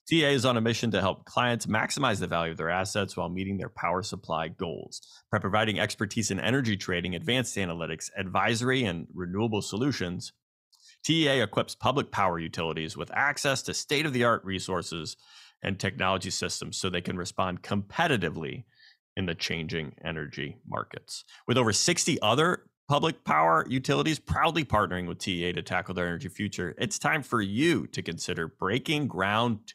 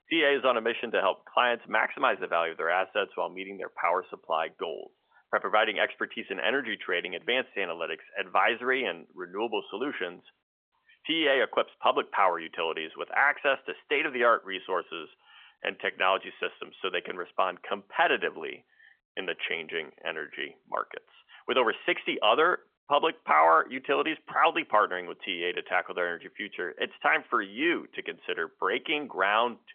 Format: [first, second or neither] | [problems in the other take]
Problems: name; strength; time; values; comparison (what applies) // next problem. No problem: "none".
first | phone-call audio; nothing above 3.5 kHz